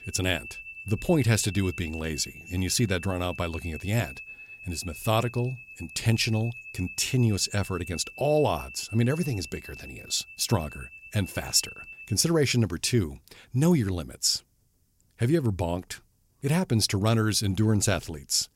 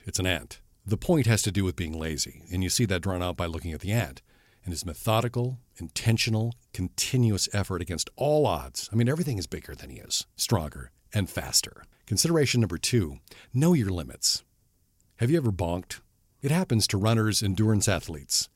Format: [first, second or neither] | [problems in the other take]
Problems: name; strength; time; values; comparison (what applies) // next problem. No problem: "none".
second | high-pitched whine; noticeable; until 12 s; 2.5 kHz, 15 dB below the speech